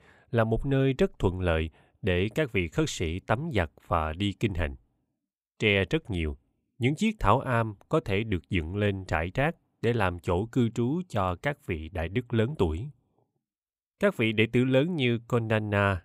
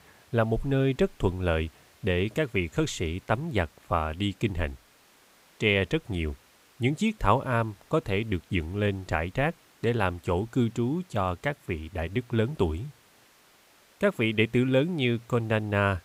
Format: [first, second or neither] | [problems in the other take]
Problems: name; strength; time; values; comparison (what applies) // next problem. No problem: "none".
first | hiss; faint; throughout; 30 dB below the speech